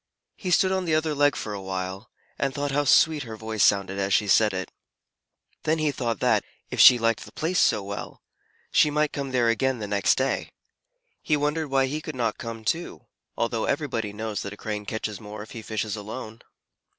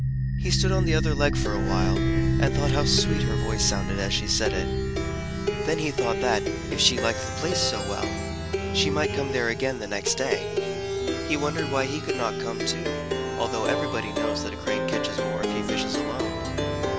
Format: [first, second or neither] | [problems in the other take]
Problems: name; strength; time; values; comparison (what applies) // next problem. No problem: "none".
first | background sound (Plucked string instrument); 3 dB above the speech